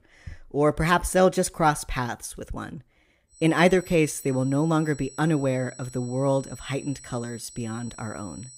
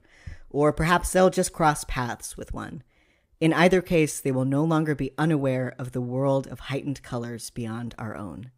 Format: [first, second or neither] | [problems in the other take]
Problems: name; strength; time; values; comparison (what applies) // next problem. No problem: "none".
second | high-pitched whine; noticeable; from 3.5 s on; 8 kHz, 20 dB below the speech